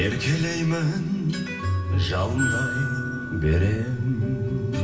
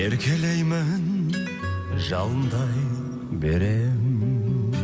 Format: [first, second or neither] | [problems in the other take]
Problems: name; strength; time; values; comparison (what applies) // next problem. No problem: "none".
second | background sound (Glockenspiel); 12 dB below the speech // room echo; dies away in 0.7 s